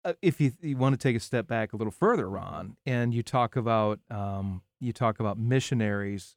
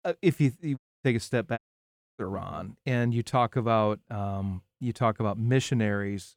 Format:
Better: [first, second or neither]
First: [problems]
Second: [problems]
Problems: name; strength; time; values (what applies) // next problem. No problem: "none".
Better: first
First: none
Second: audio cutting out; at 1 s and at 1.5 s for 0.5 s